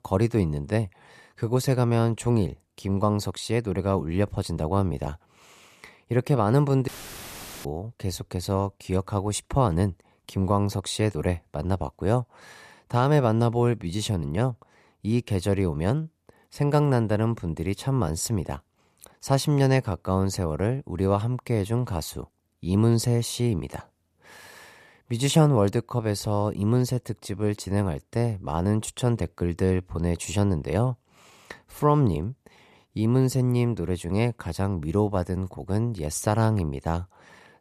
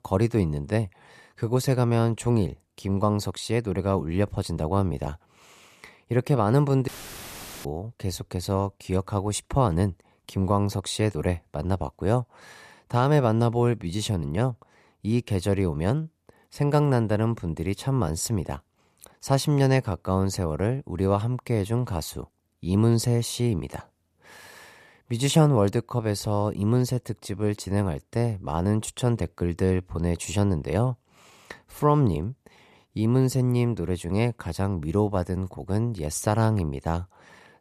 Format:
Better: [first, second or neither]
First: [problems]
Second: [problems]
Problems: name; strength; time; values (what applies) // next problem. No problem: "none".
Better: neither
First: audio cutting out; filled with static; at 7 s for 1 s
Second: audio cutting out; filled with static; at 7 s for 1 s